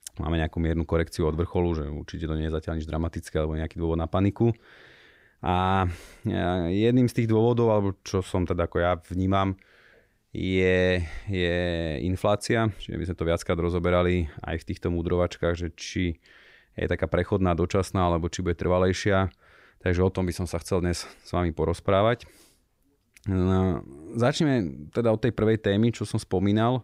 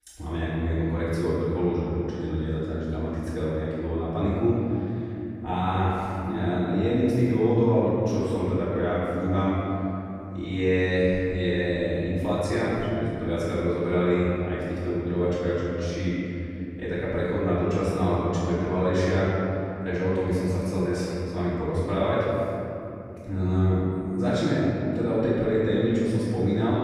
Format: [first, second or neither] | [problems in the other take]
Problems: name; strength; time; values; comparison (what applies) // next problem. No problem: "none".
first | room echo; strong; dies away in 3 s // off-mic speech; far